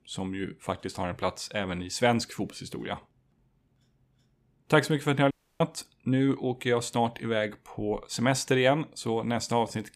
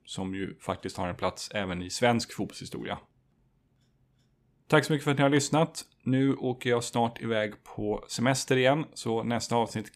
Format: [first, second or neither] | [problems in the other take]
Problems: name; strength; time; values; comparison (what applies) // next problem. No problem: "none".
second | audio cutting out; at 5.5 s